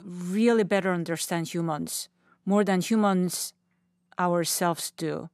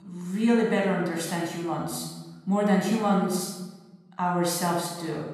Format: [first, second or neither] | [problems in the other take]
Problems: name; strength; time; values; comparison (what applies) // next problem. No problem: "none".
first | off-mic speech; somewhat distant // room echo; noticeable; dies away in 1 s